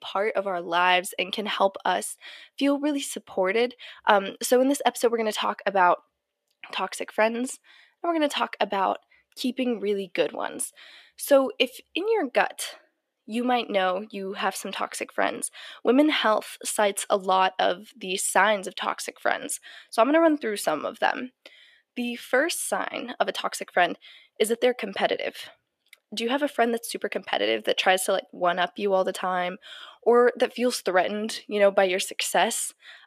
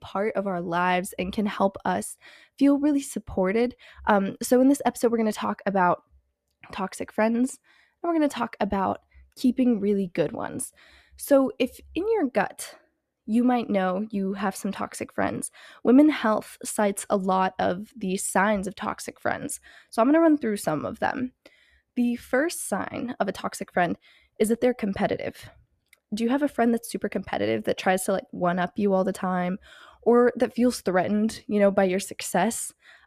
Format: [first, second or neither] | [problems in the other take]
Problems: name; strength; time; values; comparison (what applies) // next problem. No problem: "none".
second | thin; somewhat; fading below 400 Hz